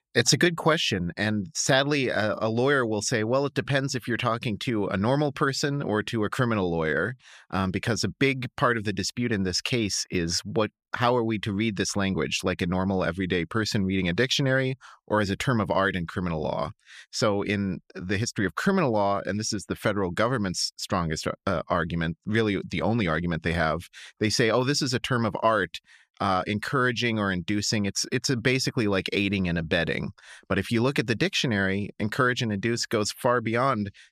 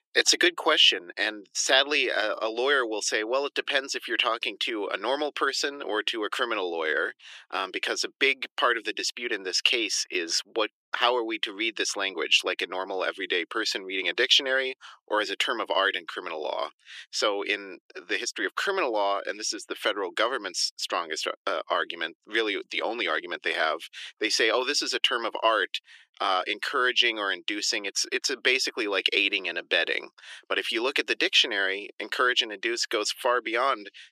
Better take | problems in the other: first | thin; very; fading below 350 Hz

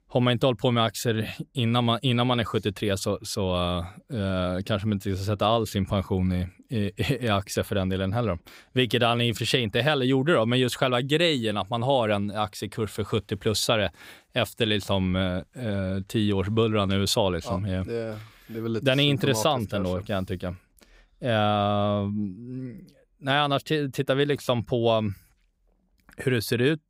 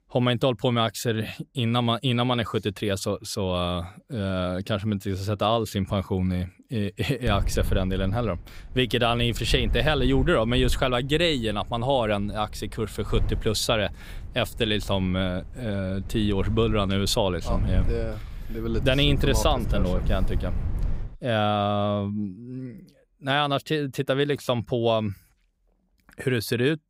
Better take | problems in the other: first | wind noise on the microphone; occasional gusts; from 7.5 to 21 s; 20 dB below the speech

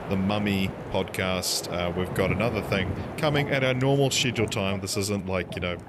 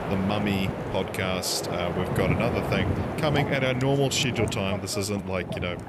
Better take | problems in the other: first | wind noise on the microphone; heavy; 5 dB below the speech; occasional gusts in the first

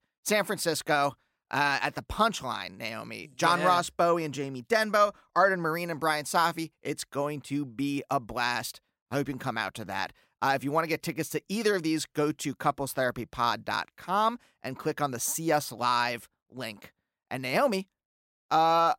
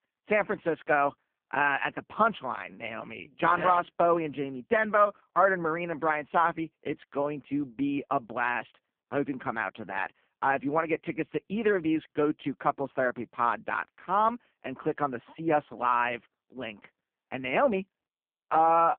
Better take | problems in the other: first | phone-call audio; poor line

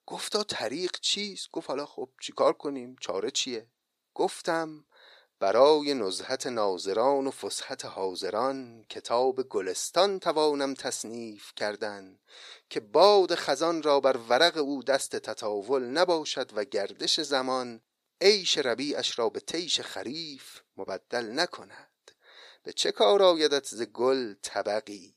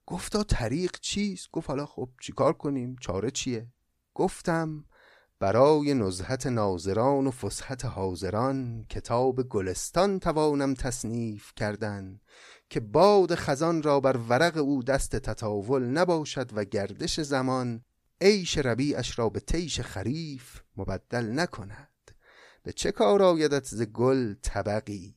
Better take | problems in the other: second | thin; somewhat; fading below 450 Hz

